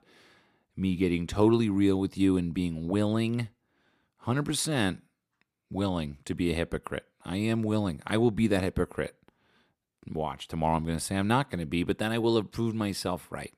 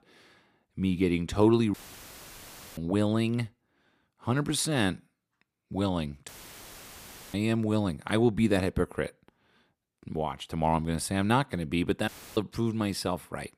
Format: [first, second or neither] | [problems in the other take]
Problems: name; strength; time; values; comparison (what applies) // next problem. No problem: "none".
first | audio cutting out; filled with static; at 1.5 s for 1 s, at 6.5 s for 1 s and at 12 s